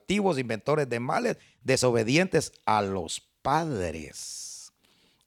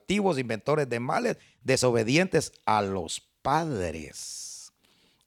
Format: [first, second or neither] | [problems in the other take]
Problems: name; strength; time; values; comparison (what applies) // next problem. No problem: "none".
neither | none